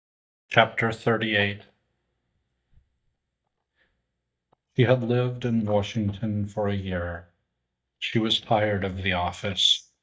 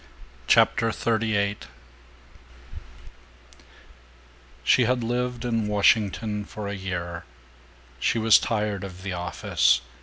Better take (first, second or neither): second